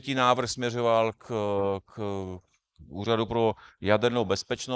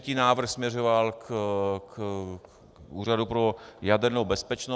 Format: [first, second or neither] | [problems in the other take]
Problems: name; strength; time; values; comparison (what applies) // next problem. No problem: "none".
second | noise reduction (neural mask model Resemble Enhance denoiser)